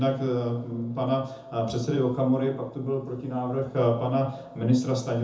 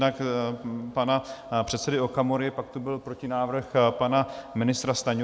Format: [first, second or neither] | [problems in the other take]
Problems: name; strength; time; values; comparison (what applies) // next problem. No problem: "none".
second | room echo; dies away in 0.5 s